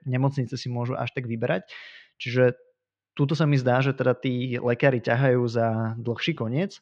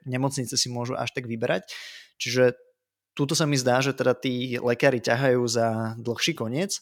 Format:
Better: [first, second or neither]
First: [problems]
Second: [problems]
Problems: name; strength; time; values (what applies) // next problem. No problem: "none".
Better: second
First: muffled; slightly; fading above 3 kHz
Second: none